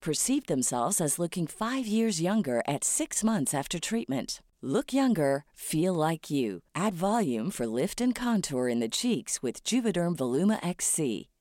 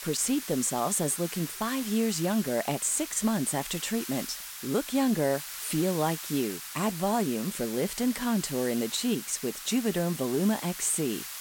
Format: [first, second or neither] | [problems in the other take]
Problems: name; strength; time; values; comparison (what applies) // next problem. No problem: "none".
first | hiss; loud; throughout; 9 dB below the speech